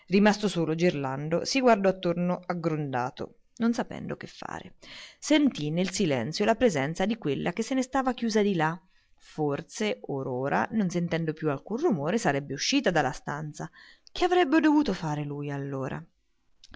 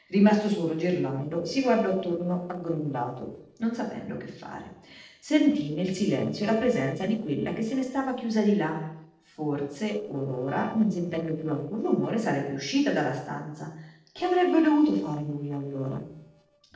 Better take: first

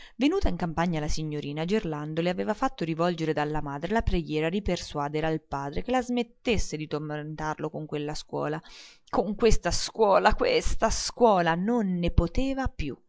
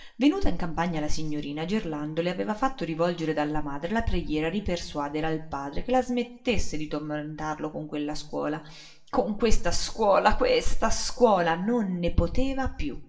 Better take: first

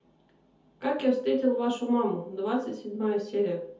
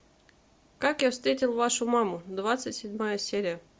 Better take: second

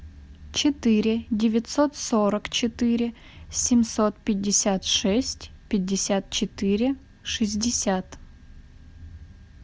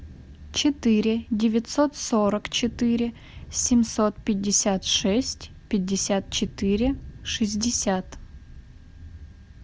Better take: first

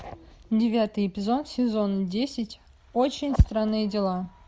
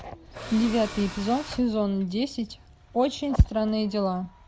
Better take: first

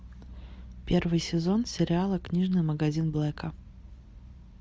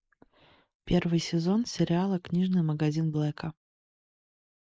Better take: first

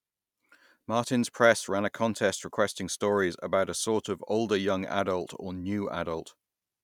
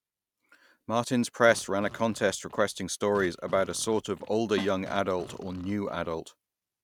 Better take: first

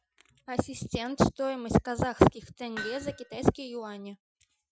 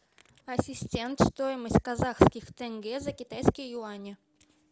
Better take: second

